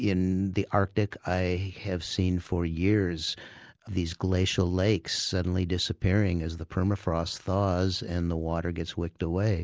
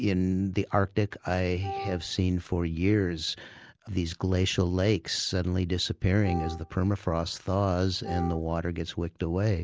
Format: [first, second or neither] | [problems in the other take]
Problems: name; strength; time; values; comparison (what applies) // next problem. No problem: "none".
first | background sound (Wind instrument, woodwind instrument); 10 dB below the speech